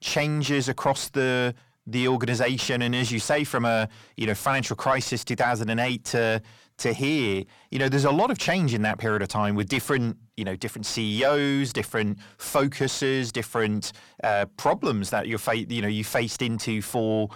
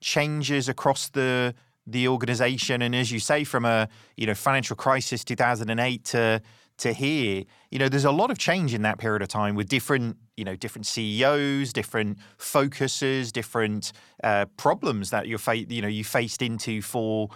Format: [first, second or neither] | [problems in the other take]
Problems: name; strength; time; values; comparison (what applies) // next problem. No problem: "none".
second | distortion; slight; 10 dB below the speech